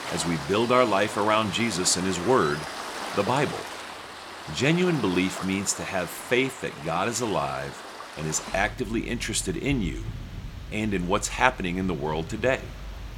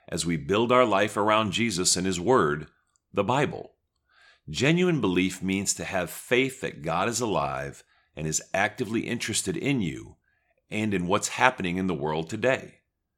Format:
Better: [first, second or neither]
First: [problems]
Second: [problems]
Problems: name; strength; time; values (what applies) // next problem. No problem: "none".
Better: second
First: rain or running water; noticeable; throughout; 10 dB below the speech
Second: none